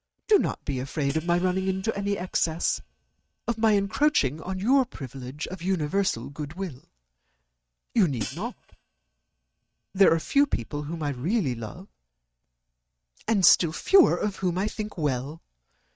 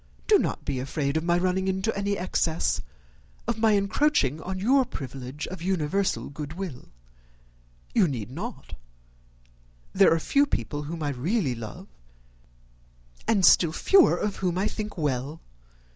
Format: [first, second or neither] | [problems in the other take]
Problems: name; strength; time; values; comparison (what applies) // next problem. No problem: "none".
second | noise reduction (neural mask model RNNoise)